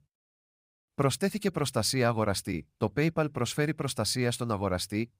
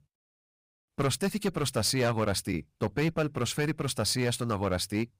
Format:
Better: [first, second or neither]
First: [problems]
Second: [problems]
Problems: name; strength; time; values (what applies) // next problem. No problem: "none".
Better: first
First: none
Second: distortion; slight; 6% of the sound clipped